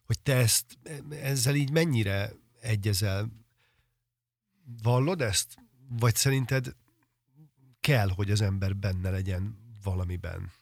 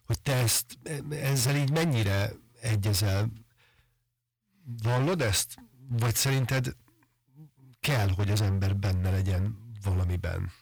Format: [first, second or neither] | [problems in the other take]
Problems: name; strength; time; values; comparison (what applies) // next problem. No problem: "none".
first | distortion; heavy; 21% of the sound clipped